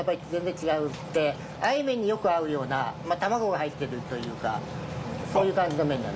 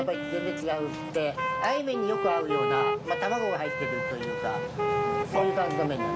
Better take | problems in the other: first | background sound (Wind instrument, woodwind instrument); as loud as the speech

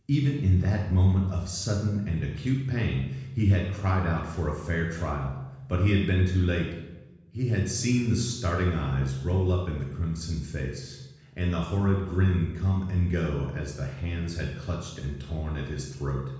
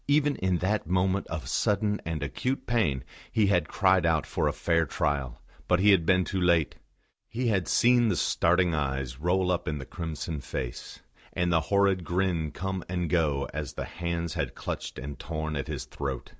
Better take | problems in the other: second | room echo; dies away in 1.1 s

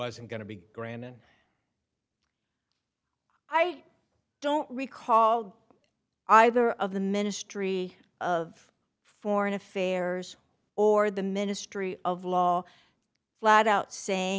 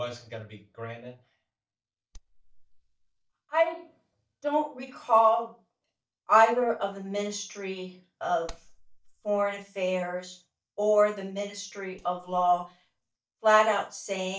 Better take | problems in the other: first | noise reduction (neural mask model DeepFilterNet 3)

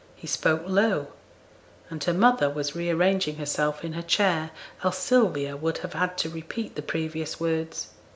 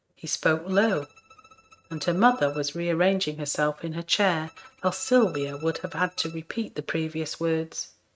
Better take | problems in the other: first | noise reduction (neural mask model RNNoise)

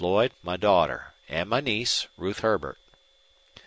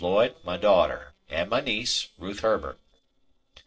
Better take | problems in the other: first | noise reduction (neural separator model SepFormer DNS4)

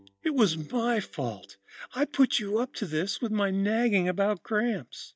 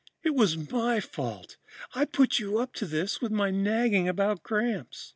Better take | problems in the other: second | noise reduction (neural mask model DeepFilterNet 3)

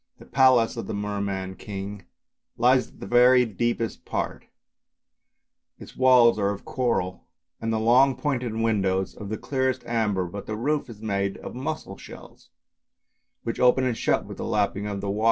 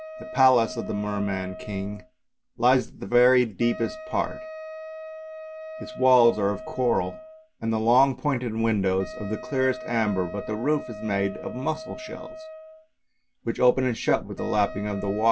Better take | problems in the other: first | background sound (Wind instrument, woodwind instrument); 14 dB below the speech

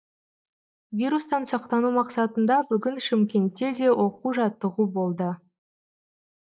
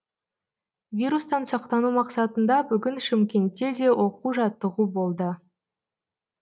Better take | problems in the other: second | noise reduction (neural mask model Resemble Enhance denoiser)

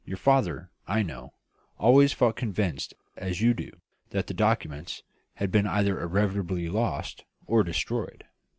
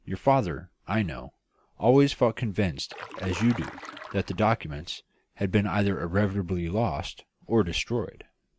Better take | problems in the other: first | background sound (Stream); 13 dB below the speech

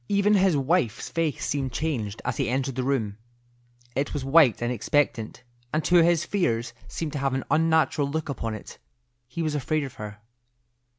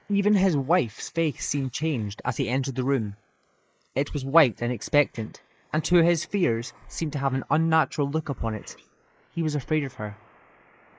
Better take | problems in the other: first | noise reduction (neural mask model Resemble Enhance denoiser)

